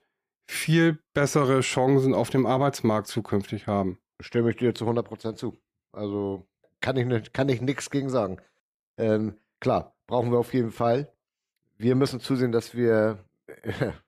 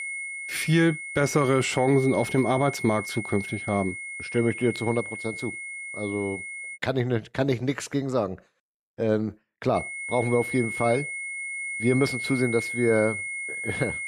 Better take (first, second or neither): first